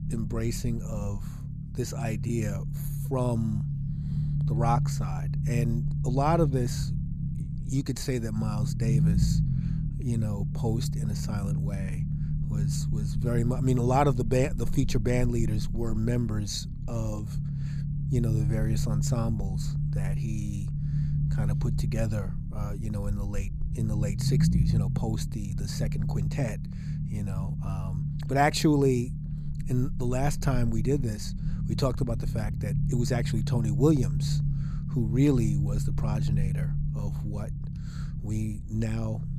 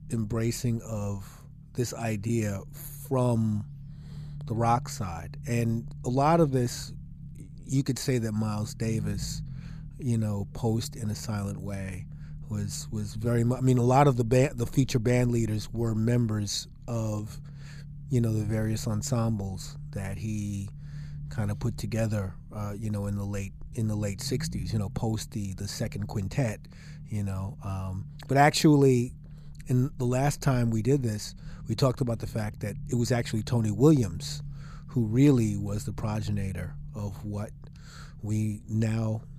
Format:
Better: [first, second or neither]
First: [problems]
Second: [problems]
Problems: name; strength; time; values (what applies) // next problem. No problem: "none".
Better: second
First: low rumble; loud; throughout; 8 dB below the speech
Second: low rumble; faint; throughout; 20 dB below the speech